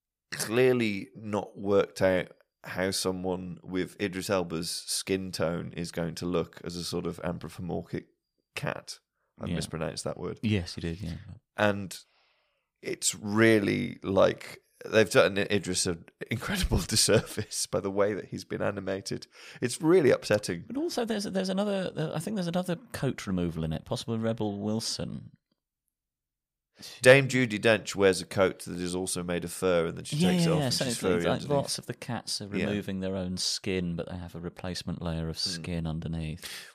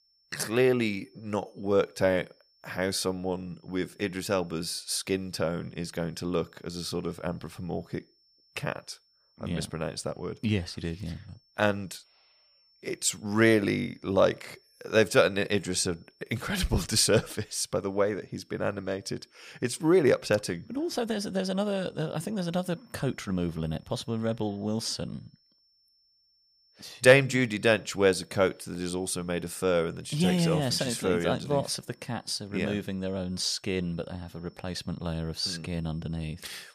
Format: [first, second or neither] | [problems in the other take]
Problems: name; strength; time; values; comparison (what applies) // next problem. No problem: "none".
first | high-pitched whine; faint; throughout; 5.5 kHz, 35 dB below the speech